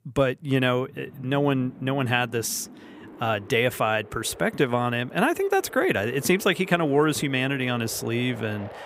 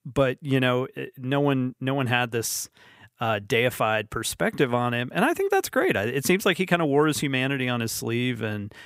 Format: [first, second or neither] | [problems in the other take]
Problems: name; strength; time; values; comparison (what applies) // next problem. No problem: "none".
second | wind noise on the microphone; occasional gusts; 20 dB below the speech